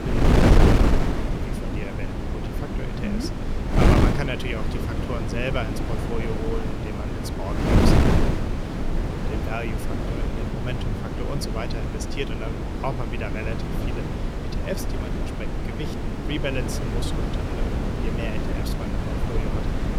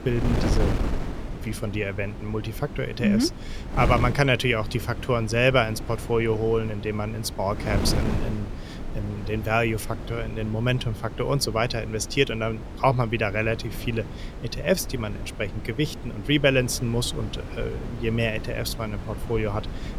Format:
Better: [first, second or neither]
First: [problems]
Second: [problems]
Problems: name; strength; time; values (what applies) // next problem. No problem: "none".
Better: second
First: wind noise on the microphone; heavy; 4 dB above the speech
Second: wind noise on the microphone; occasional gusts; 10 dB below the speech